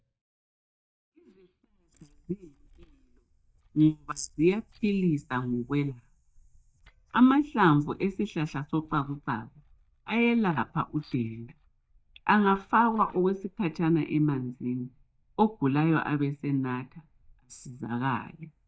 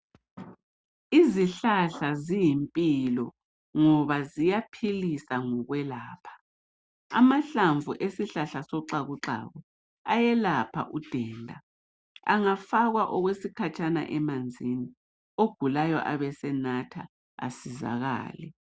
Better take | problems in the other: second | noise reduction (neural mask model DeepFilterNet 3)

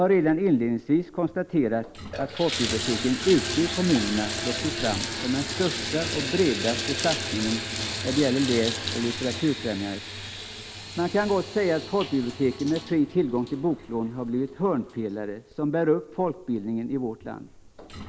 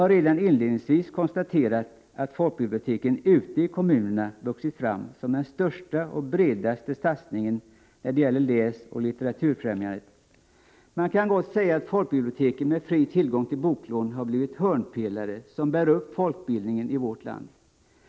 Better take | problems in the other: second | background sound (Bathtub (filling or washing) / Water tap, faucet); 7 dB below the speech

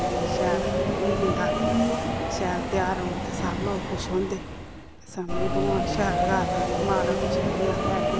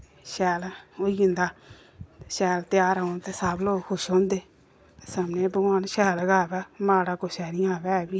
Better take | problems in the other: second | background sound (Subway, metro, underground); 4 dB above the speech

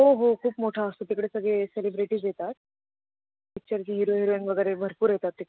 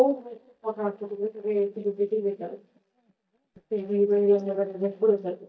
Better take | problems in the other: first | noise reduction (neural mask model DeepFilterNet 3)

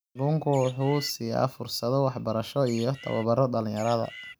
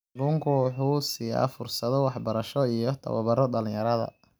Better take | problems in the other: second | background sound (Bird); 17 dB below the speech

